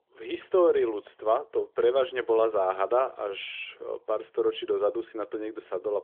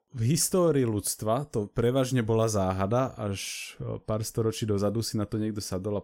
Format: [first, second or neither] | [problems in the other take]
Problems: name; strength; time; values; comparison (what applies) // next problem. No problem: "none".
second | phone-call audio; nothing above 3.5 kHz